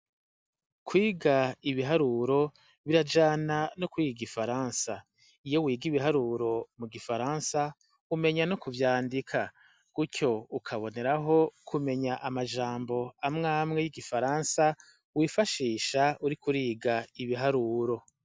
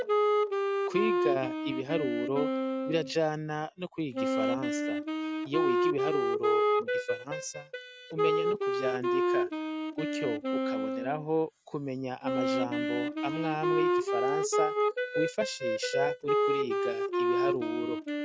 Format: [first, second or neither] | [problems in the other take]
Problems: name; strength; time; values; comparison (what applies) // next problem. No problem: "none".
first | noise reduction (neural mask model RNNoise)